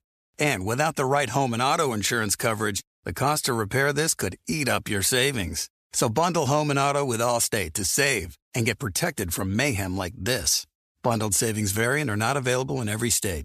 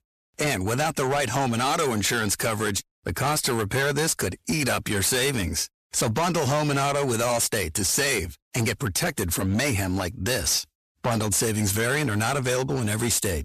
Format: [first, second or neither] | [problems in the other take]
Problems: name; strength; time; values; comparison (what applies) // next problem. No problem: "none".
first | distortion; heavy; 16% of the sound clipped